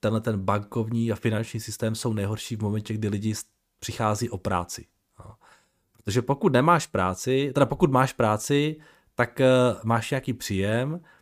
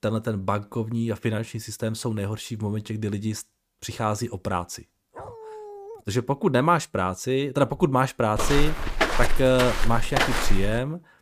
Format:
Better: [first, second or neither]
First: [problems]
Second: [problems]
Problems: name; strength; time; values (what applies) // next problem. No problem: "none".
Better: first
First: none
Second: dog barking; faint; at 5 s; peak 15 dB below the speech // footsteps; loud; from 8.5 s on; peak 2 dB above the speech